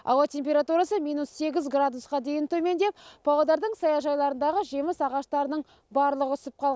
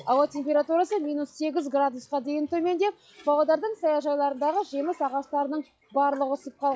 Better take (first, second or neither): first